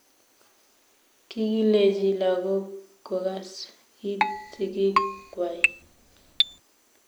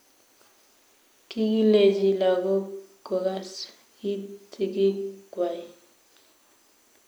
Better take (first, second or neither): second